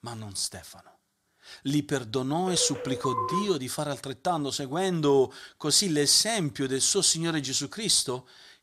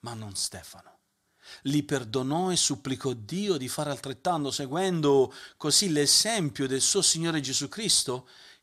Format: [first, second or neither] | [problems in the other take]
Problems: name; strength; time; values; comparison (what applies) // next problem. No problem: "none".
second | phone ringing; noticeable; from 2.5 to 3.5 s; peak 3 dB below the speech